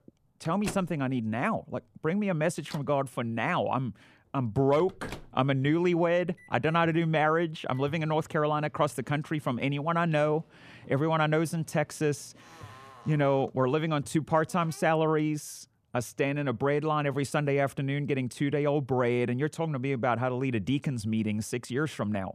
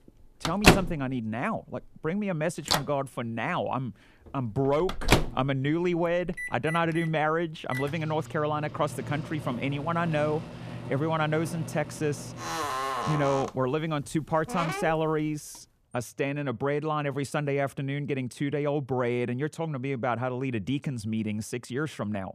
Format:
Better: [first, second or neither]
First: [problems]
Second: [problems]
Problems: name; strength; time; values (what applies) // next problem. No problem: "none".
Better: first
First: household noises; faint; until 15 s; 20 dB below the speech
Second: household noises; loud; until 15 s; 1 dB below the speech